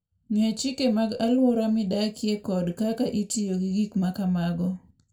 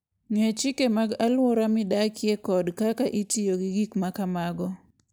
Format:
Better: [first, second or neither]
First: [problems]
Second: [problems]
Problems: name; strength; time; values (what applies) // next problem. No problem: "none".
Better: second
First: room echo; dies away in 0.2 s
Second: none